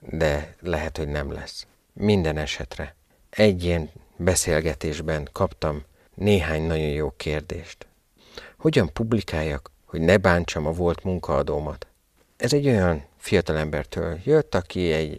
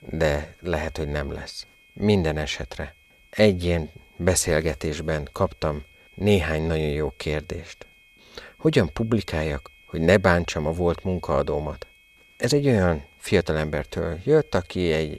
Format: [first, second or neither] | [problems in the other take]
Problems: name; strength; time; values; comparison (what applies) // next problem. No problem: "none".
first | high-pitched whine; faint; throughout; 2.5 kHz, 30 dB below the speech